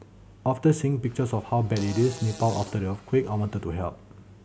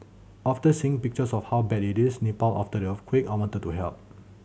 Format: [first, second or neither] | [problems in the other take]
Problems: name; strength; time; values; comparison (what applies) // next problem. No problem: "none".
second | background sound (Fart); 18 dB below the speech